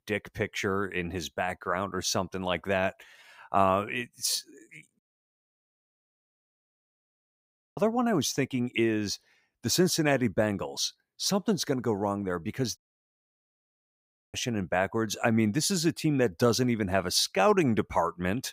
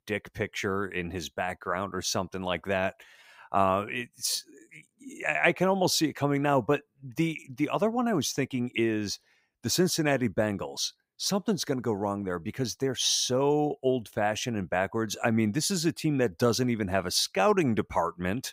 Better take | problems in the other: second | audio cutting out; at 5 s for 3 s and at 13 s for 1.5 s

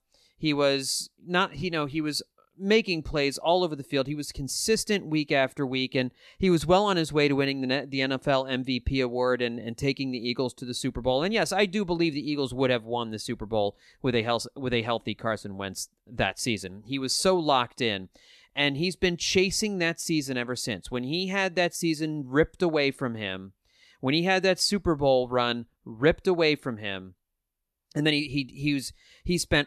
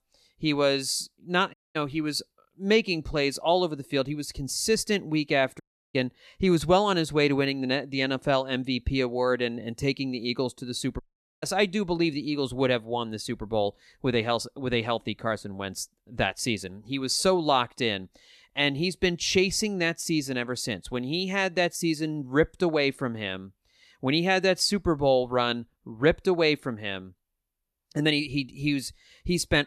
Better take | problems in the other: first | audio cutting out; at 1.5 s, at 5.5 s and at 11 s

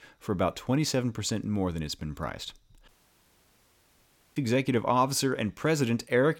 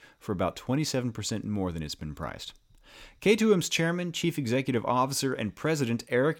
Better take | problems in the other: second | audio cutting out; at 3 s for 1.5 s

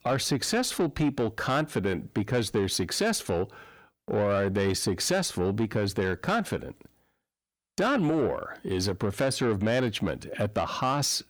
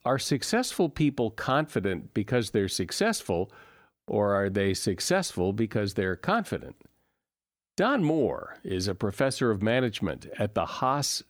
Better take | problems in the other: second | distortion; slight; 10 dB below the speech

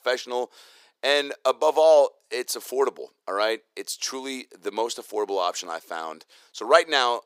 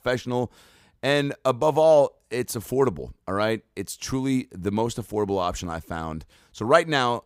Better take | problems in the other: second | thin; very; fading below 400 Hz

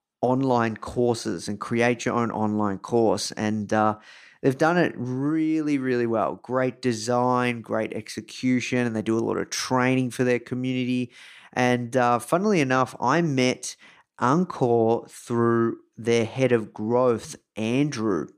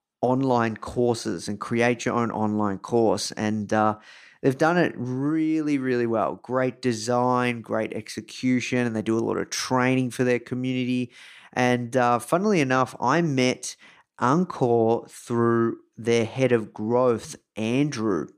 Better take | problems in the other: neither | none

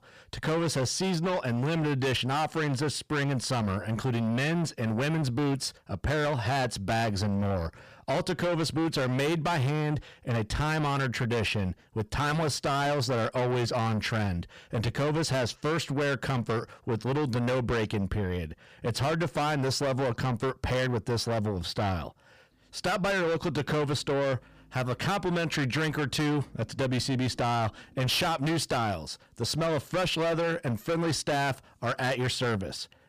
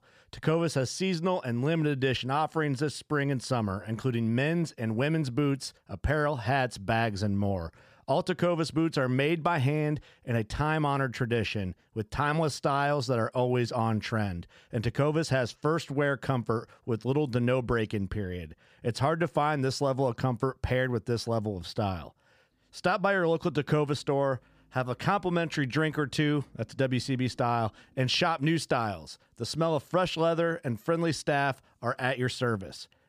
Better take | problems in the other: second | distortion; heavy; 6 dB below the speech

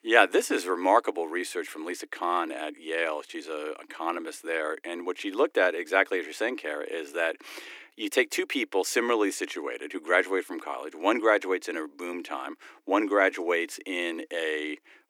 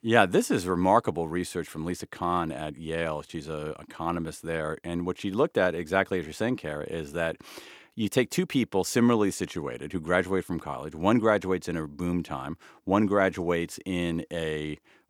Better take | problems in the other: second | thin; somewhat; fading below 300 Hz

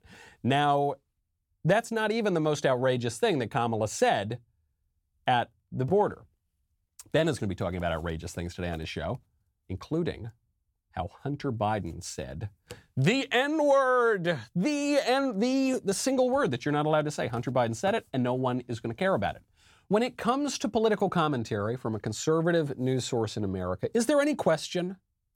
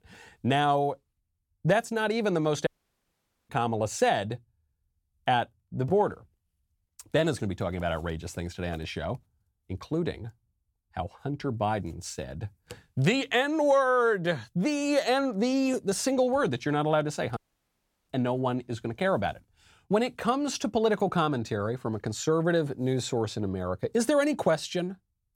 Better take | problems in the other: first | audio cutting out; at 2.5 s for 1 s and at 17 s for 0.5 s

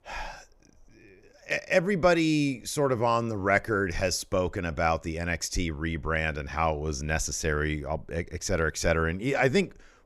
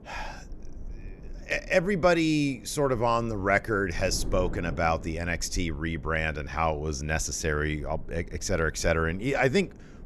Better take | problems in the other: first | wind noise on the microphone; occasional gusts; 25 dB below the speech

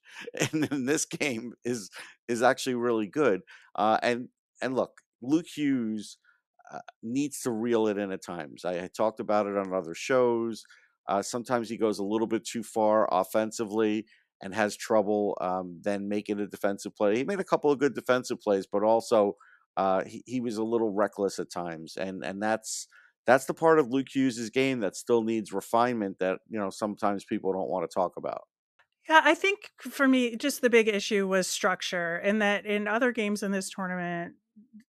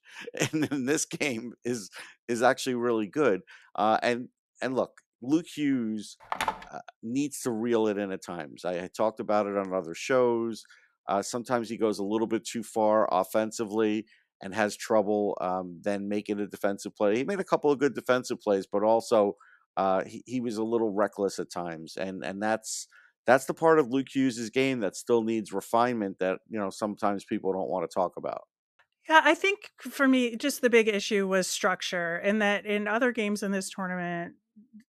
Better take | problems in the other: first | phone ringing; noticeable; at 6.5 s; peak 4 dB below the speech

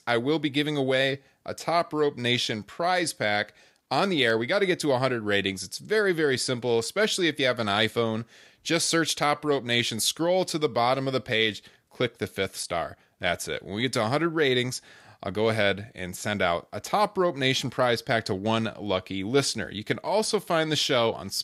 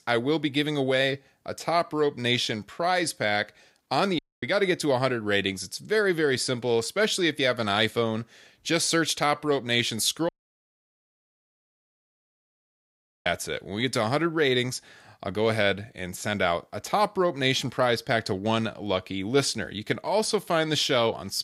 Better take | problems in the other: first | audio cutting out; at 4 s and at 10 s for 3 s

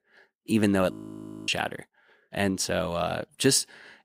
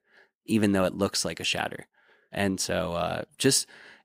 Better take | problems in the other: second | audio freezing; at 1 s for 0.5 s

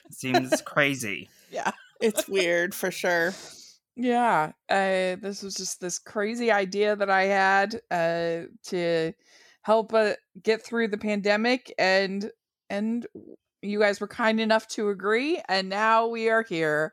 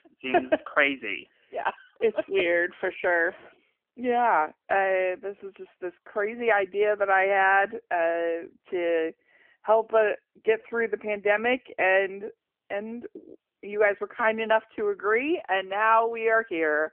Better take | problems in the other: first | phone-call audio; nothing above 3 kHz

